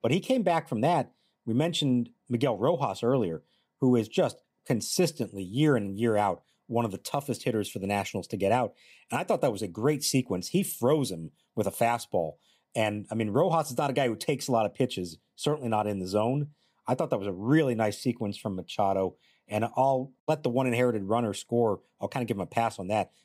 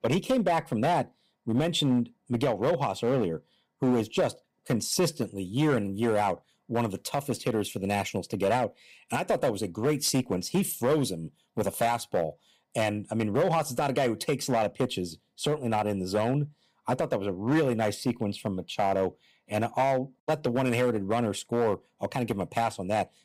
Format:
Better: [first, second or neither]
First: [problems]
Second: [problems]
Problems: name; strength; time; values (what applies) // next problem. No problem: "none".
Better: first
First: none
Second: distortion; slight; 6% of the sound clipped